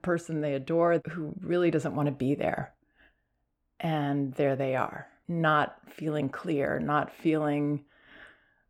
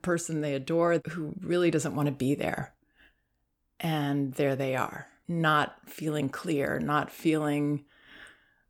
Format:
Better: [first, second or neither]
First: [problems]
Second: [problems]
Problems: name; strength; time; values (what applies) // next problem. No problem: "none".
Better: second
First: muffled; slightly; fading above 4 kHz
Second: none